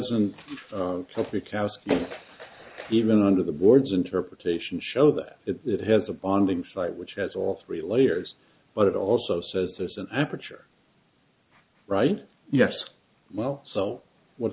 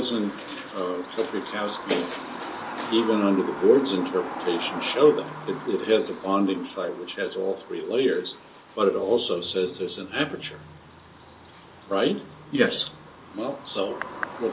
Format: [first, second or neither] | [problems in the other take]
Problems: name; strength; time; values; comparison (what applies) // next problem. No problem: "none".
first | background sound (Bird vocalization, bird call, bird song); 12 dB below the speech // room echo; dies away in 0.2 s